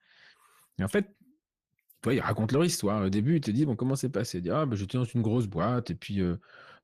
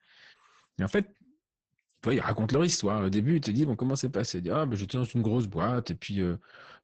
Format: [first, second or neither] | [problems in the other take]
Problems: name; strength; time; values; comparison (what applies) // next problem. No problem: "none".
first | garbled, watery; badly; nothing above 7 kHz; slightly in the first